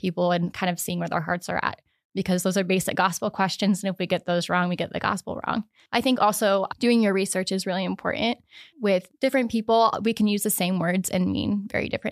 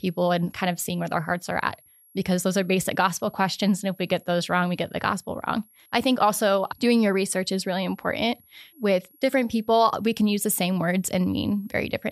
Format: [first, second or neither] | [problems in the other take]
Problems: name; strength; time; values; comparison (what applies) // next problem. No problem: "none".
first | high-pitched whine; faint; throughout; 11.5 kHz, 30 dB below the speech